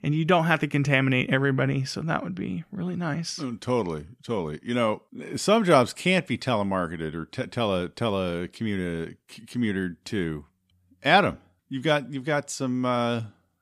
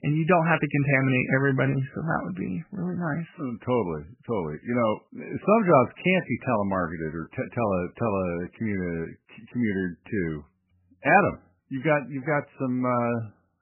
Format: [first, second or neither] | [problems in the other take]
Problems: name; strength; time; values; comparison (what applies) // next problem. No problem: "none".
first | garbled, watery; badly; nothing above 2.5 kHz